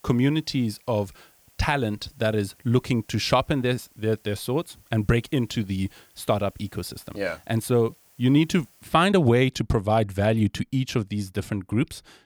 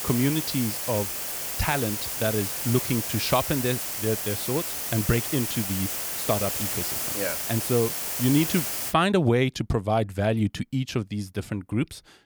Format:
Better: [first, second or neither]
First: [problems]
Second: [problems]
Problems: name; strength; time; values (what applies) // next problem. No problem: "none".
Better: first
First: hiss; faint; until 9 s; 30 dB below the speech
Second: hiss; loud; until 9 s; as loud as the speech